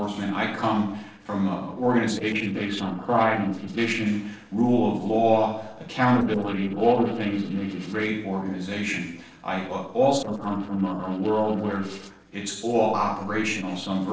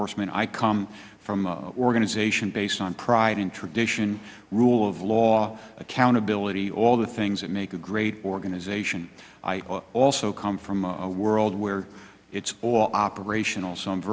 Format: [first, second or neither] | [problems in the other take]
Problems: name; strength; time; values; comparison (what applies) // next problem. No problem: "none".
second | noise reduction (neural separator model SepFormer DNS4)